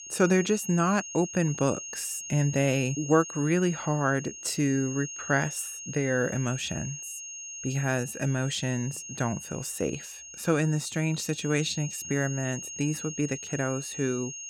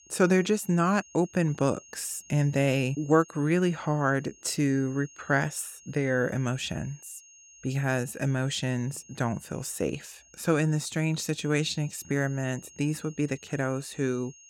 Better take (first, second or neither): second